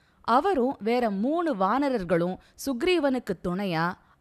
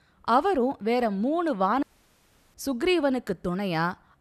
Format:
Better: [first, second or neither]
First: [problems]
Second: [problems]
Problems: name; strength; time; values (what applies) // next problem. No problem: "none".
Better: first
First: none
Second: audio cutting out; at 2 s for 0.5 s